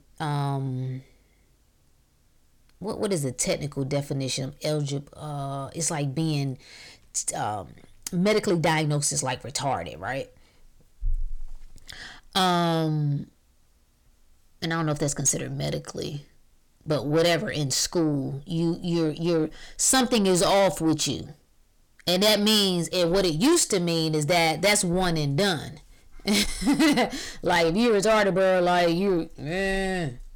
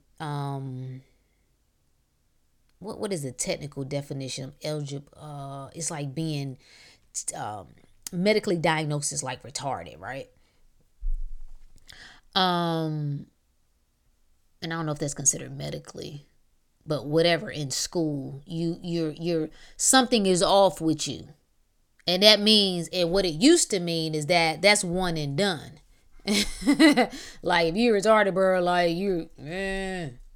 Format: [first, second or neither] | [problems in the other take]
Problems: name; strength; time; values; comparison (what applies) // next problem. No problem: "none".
second | distortion; heavy; 7 dB below the speech